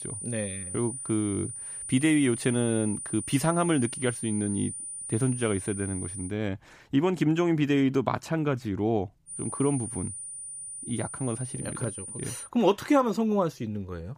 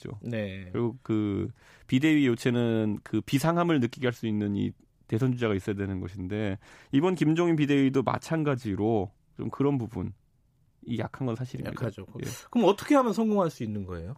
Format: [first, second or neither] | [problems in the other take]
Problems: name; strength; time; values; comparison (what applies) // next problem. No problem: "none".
second | high-pitched whine; loud; until 6.5 s and from 9.5 to 12 s; 9.5 kHz, 7 dB below the speech